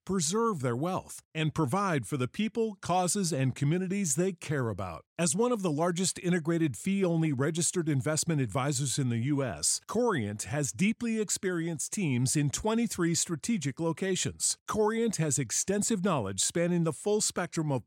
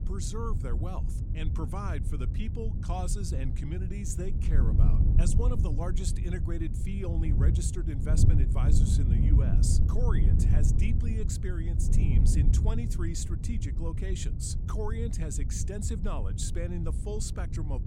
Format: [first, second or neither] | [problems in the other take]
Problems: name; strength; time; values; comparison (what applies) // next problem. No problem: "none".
first | wind noise on the microphone; heavy; 3 dB below the speech